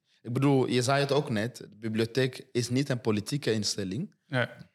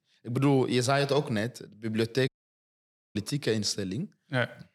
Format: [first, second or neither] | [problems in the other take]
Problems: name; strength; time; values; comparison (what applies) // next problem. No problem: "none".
first | audio cutting out; at 2.5 s for 1 s